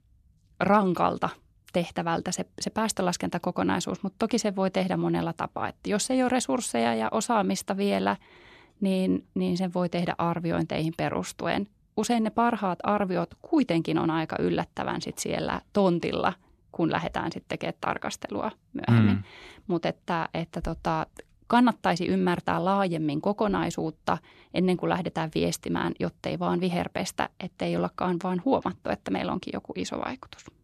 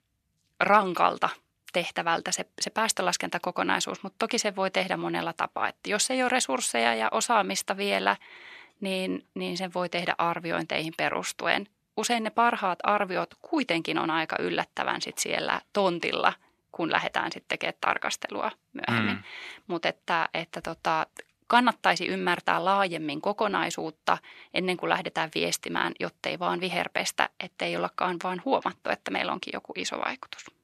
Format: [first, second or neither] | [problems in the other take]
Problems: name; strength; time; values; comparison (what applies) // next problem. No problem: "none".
first | thin; somewhat; fading below 700 Hz